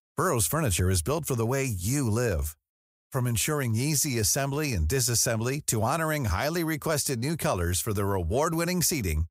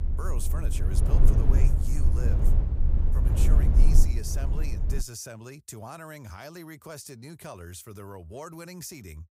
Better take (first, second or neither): first